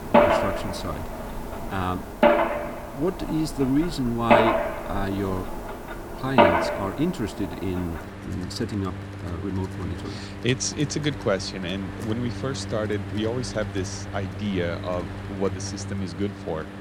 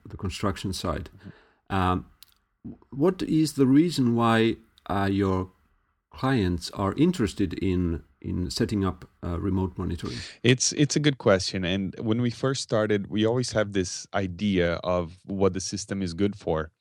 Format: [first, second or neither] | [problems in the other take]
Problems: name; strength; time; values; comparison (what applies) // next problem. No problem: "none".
second | machinery noise; very loud; throughout; 1 dB above the speech